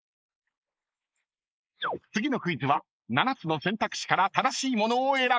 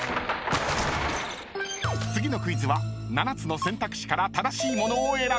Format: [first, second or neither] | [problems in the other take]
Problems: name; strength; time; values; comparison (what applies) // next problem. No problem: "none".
second | noise reduction (neural mask model Resemble Enhance denoiser)